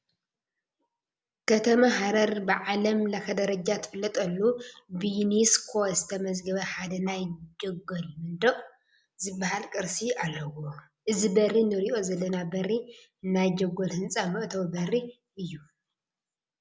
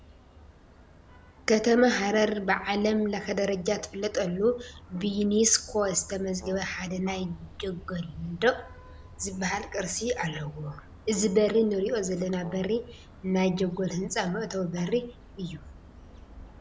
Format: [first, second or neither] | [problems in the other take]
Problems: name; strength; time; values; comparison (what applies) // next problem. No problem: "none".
first | background sound (Vehicle horn, car horn, honking + Brass instrument); 20 dB below the speech